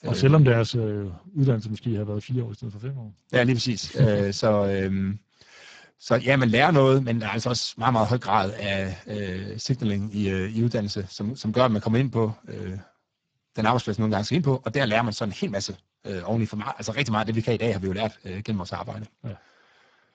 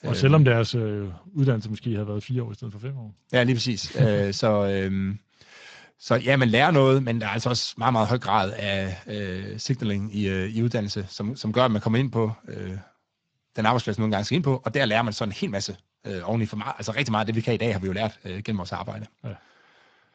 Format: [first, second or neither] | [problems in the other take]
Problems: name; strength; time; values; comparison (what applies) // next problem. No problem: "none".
second | garbled, watery; badly; nothing above 7.5 kHz; slightly in the second